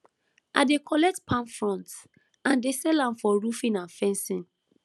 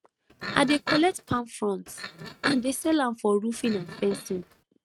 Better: first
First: none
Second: noise reduction (neural mask model RNNoise)

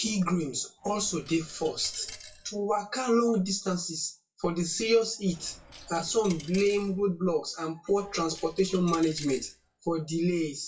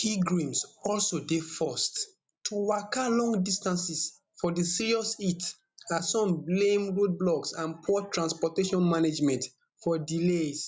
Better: second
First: noise reduction (classical method WPE with log-MMSE)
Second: none

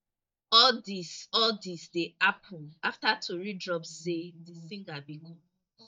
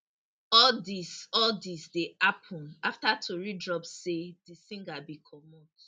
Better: second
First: noise reduction (neural mask model DeepFilterNet 3)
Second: none

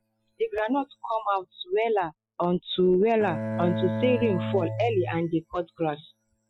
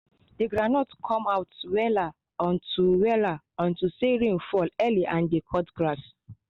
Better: second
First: noise reduction (classical method Wiener filter)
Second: none

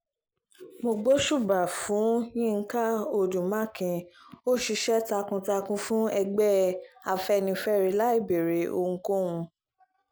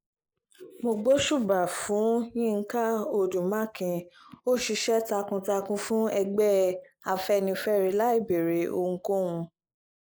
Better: first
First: none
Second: noise reduction (neural mask model Resemble Enhance denoiser)

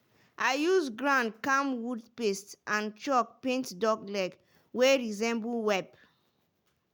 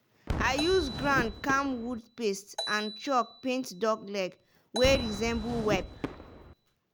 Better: first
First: none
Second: background sound (Marimba, xylophone + Whoosh, swoosh, swish / Fireworks); 7 dB below the speech

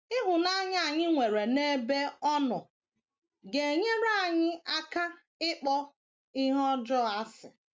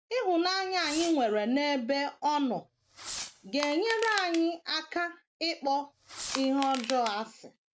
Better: first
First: none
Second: background sound (Fireworks + Crushing); 12 dB below the speech

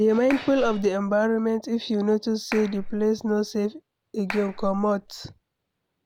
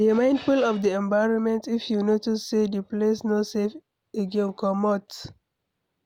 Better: second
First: background sound (Clapping); 12 dB below the speech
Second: none

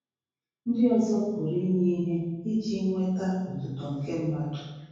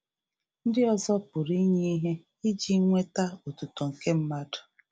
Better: second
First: room echo; dies away in 1.3 s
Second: none

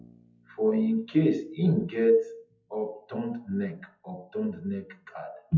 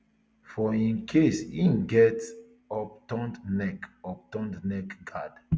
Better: second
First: noise reduction (classical method WPE with log-MMSE)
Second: none

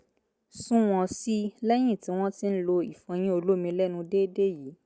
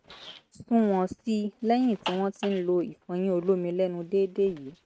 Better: first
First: none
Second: noise reduction (neural mask model RNNoise)

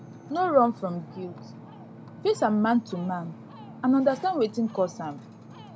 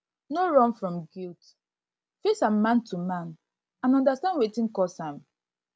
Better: second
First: background sound (Ocean); 17 dB below the speech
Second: none

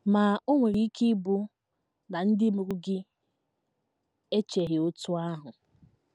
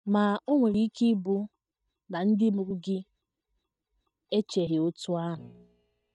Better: first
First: none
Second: noise reduction (neural mask model DeepFilterNet 3)

